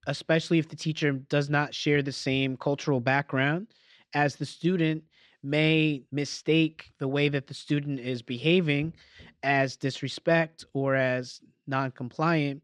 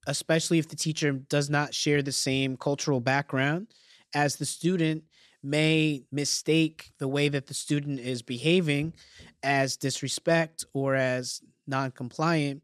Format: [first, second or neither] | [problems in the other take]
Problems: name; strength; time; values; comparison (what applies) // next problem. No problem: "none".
second | muffled; slightly; fading above 3 kHz